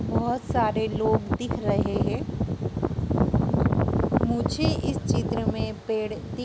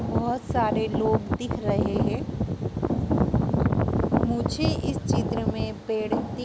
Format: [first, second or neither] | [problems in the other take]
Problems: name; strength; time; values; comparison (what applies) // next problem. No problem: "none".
first | background sound (Thump, thud); 9 dB below the speech